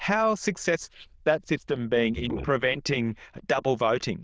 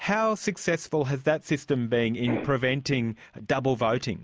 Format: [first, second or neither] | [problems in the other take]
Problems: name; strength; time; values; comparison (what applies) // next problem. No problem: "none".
second | noise reduction (neural diffusion model UNIVERSE++)